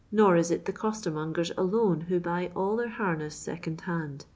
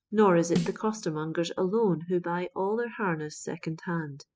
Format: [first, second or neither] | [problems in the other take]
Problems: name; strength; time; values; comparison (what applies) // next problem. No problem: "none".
first | noise reduction (classical method spectral subtraction)